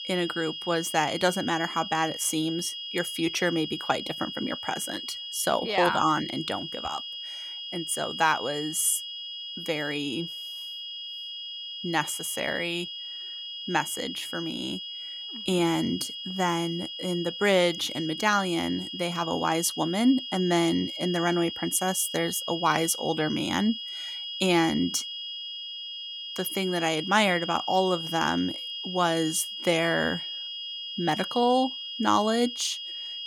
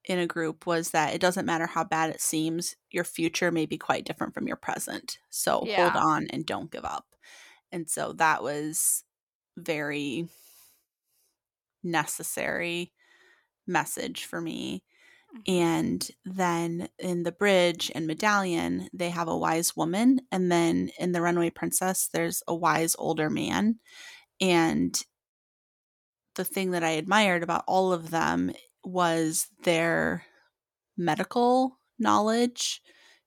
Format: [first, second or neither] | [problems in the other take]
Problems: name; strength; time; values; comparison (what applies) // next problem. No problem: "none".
second | high-pitched whine; loud; throughout; 3.5 kHz, 7 dB below the speech